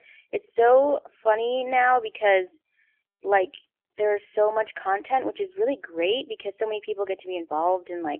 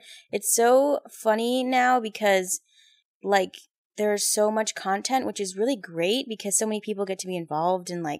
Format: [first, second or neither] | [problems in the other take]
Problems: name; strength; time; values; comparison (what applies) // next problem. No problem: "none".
second | phone-call audio; nothing above 3.5 kHz